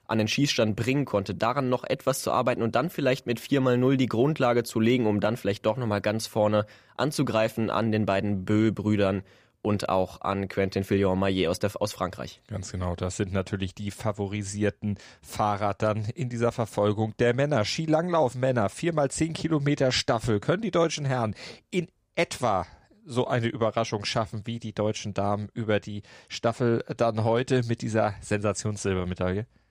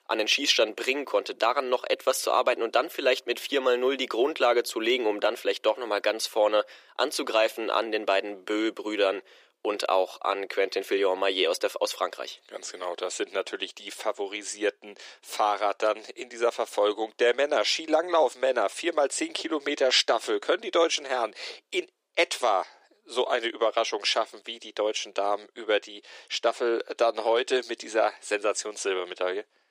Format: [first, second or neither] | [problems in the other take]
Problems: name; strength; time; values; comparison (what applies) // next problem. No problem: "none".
first | thin; very; fading below 350 Hz